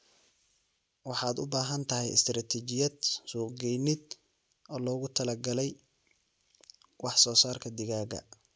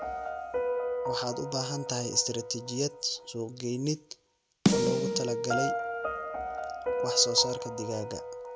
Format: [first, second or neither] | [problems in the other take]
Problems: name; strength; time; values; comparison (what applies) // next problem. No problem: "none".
first | background sound (Piano + Snare drum); 1 dB above the speech